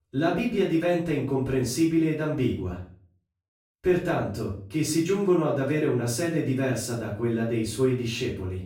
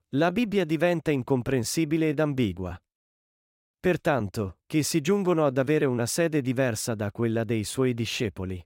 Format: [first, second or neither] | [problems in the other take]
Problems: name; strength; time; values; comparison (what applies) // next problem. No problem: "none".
second | off-mic speech; far // room echo; noticeable; dies away in 0.4 s